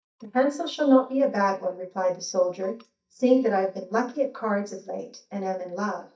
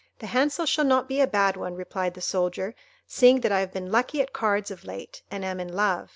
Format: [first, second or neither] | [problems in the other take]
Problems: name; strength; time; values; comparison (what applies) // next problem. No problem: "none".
second | noise reduction (neural mask model DeepFilterNet 3)